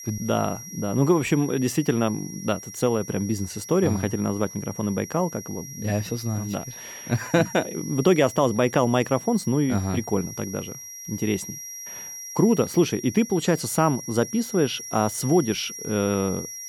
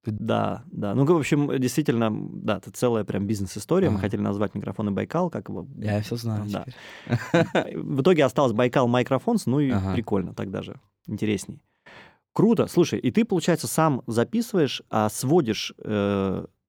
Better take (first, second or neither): second